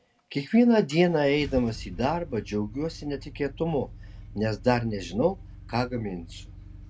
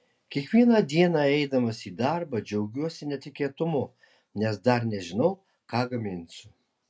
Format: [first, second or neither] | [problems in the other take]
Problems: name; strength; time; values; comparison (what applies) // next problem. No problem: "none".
second | background sound (Engine starting / Car); 16 dB below the speech